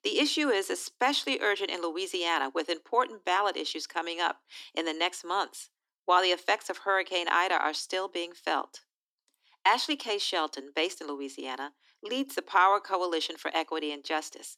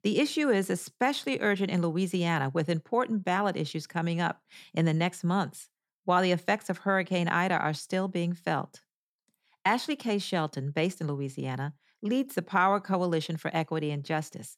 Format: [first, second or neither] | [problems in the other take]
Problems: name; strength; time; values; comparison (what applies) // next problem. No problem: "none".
second | thin; somewhat; fading below 250 Hz